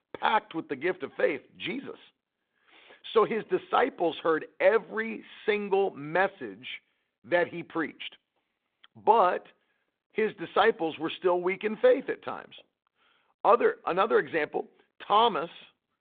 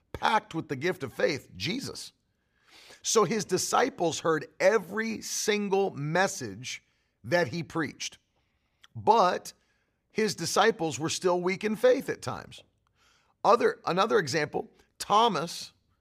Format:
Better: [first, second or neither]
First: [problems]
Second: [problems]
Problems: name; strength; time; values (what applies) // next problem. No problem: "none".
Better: second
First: phone-call audio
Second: none